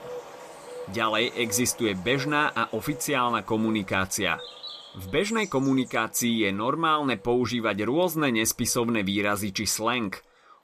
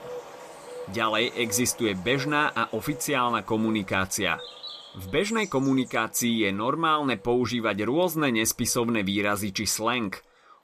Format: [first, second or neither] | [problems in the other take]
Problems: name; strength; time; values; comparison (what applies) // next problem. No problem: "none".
neither | animal sounds; noticeable; throughout; 20 dB below the speech; the same in both